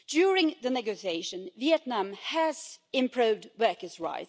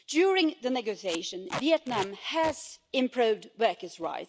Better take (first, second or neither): first